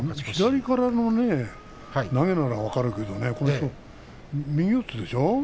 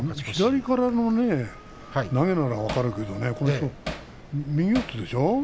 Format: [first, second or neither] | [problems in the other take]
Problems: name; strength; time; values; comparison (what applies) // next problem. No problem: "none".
first | background sound (Hammer); 11 dB below the speech